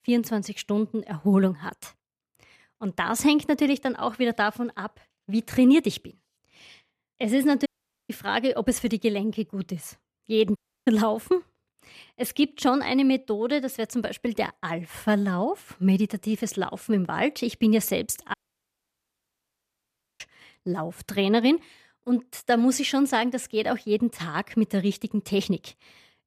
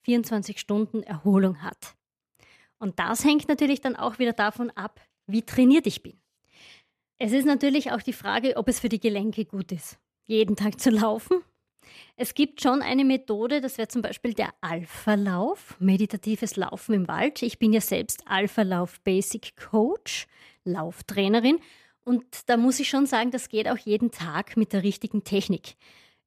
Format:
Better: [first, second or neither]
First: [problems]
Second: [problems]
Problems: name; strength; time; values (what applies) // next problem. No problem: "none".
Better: second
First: audio cutting out; at 7.5 s, at 11 s and at 18 s for 2 s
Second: none